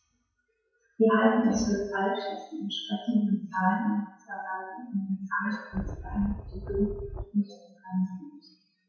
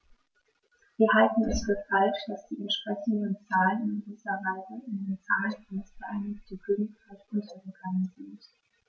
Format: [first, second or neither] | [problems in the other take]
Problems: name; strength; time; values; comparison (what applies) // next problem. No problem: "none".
second | noise reduction (classical method WPE with log-MMSE)